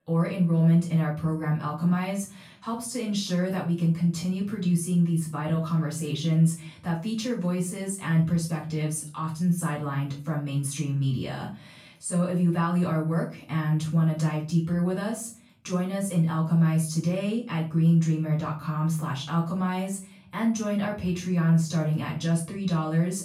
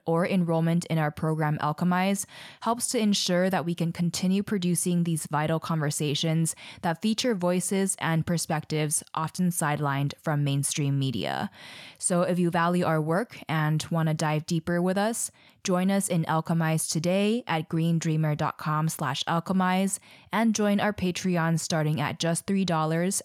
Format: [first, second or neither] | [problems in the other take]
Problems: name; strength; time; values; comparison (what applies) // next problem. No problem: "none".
second | room echo; slight; dies away in 0.4 s // off-mic speech; far